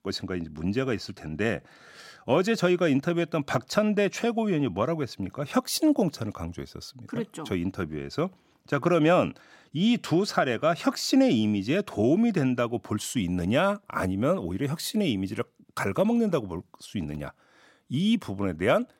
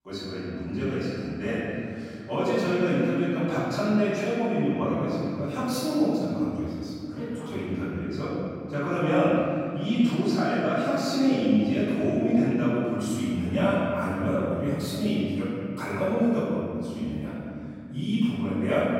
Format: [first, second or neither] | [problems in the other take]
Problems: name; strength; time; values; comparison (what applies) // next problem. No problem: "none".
first | off-mic speech; far // room echo; strong; dies away in 2.5 s